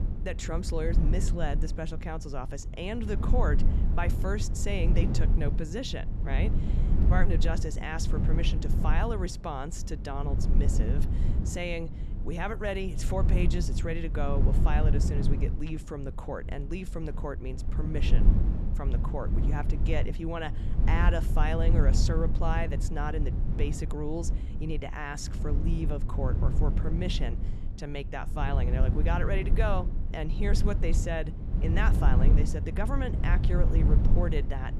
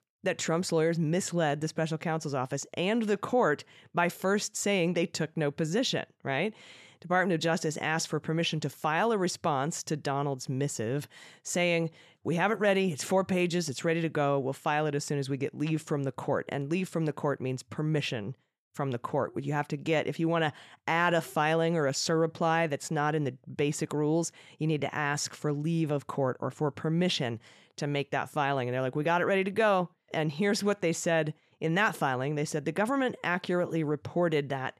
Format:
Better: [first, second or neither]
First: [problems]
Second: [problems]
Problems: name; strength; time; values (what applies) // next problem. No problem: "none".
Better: second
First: low rumble; loud; throughout; 7 dB below the speech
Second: none